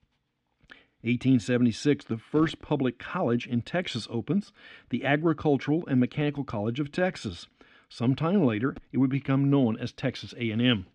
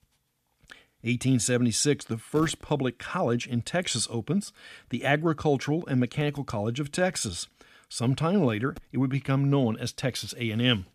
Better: second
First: muffled; slightly; fading above 3 kHz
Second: none

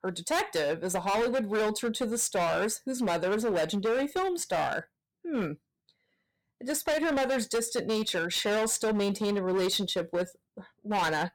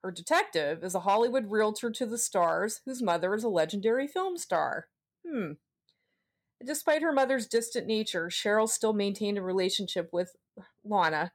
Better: second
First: distortion; heavy; 18% of the sound clipped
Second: none

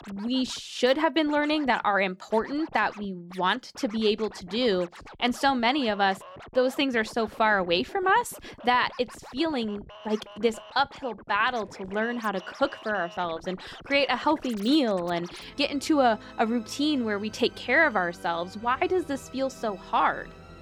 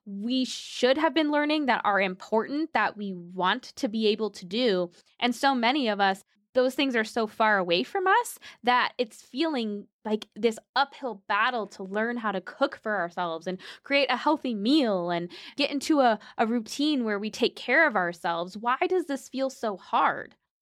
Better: second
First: background music; noticeable; throughout; 20 dB below the speech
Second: none

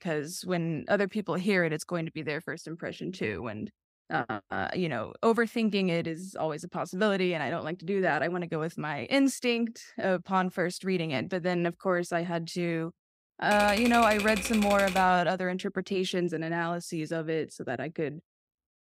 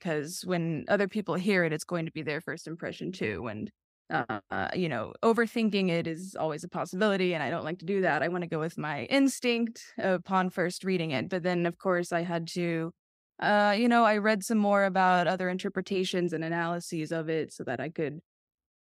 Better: second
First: keyboard typing; noticeable; from 14 to 15 s; peak 2 dB below the speech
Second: none

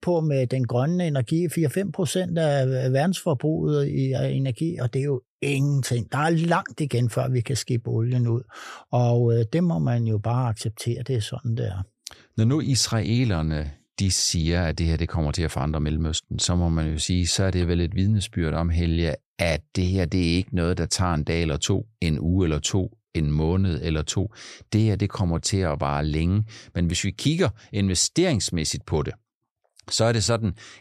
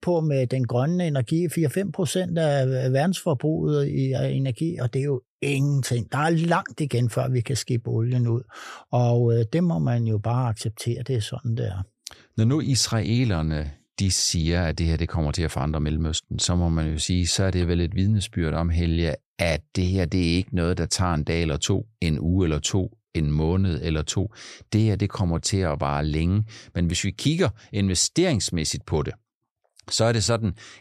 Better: neither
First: none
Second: none

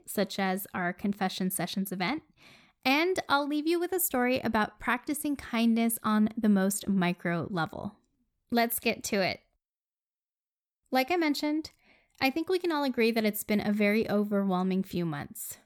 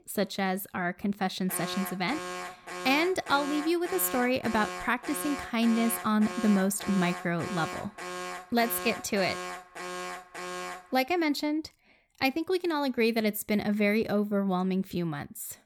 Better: first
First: none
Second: alarm; noticeable; from 1.5 to 11 s; peak 8 dB below the speech

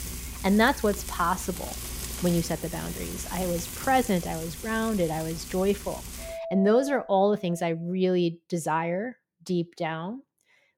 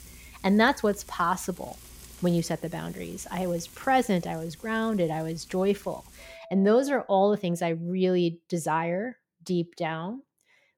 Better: second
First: household noises; loud; until 7.5 s; 9 dB below the speech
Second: household noises; faint; until 7.5 s; 20 dB below the speech

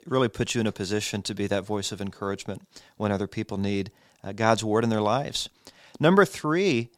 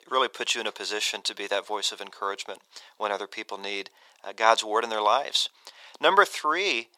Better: first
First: none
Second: thin; very; fading below 500 Hz

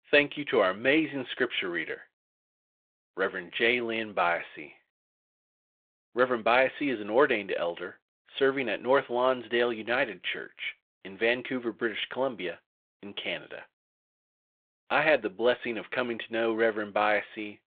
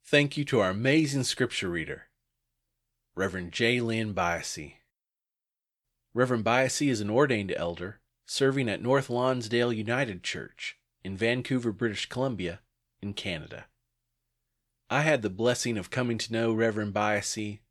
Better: second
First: phone-call audio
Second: none

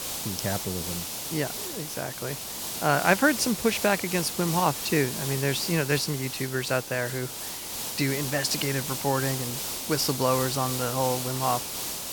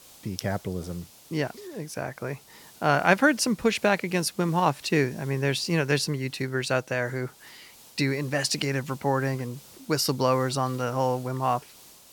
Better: second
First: hiss; loud; throughout; 4 dB below the speech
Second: hiss; faint; throughout; 25 dB below the speech

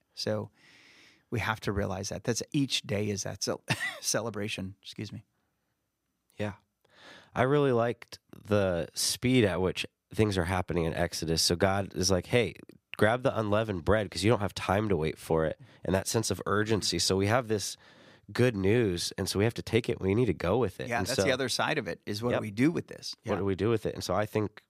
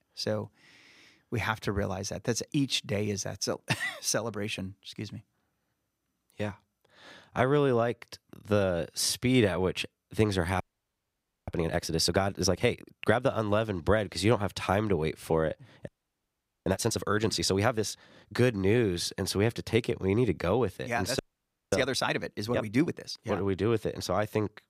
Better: first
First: none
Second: audio freezing; at 11 s for 1 s, at 16 s for 1 s and at 21 s for 0.5 s

